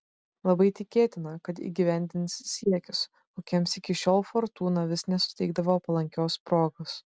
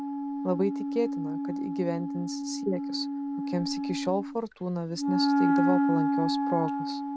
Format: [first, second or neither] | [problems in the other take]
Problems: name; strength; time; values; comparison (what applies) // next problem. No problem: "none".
first | background sound (Wind instrument, woodwind instrument); 3 dB above the speech